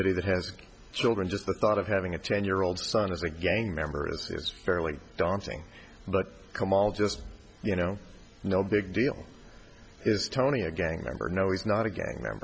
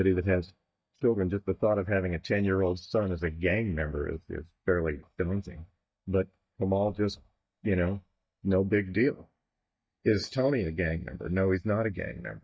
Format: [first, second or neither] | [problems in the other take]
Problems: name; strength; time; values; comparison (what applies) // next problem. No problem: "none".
first | noise reduction (neural mask model DeepFilterNet 3)